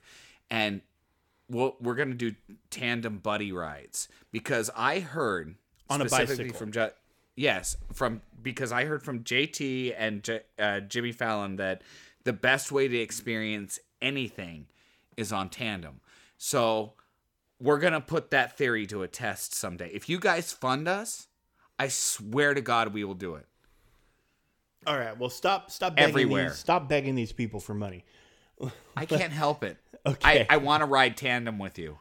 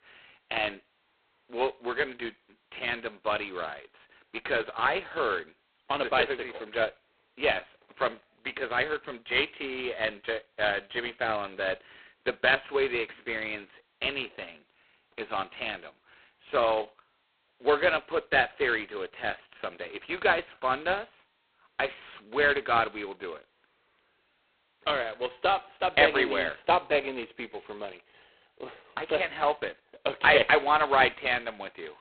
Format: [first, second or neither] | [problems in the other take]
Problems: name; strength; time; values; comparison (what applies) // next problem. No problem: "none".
first | phone-call audio; poor line; nothing above 4 kHz